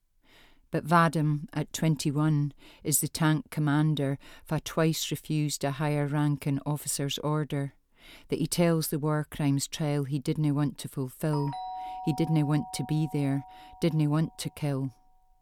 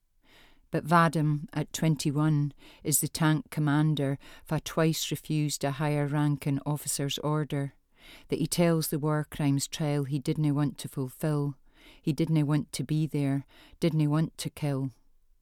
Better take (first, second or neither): second